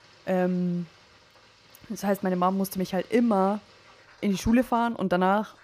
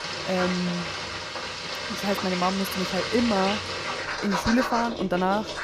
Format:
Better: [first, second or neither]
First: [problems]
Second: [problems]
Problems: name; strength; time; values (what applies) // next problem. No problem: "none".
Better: first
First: household noises; faint; throughout; 25 dB below the speech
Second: household noises; loud; throughout; 3 dB below the speech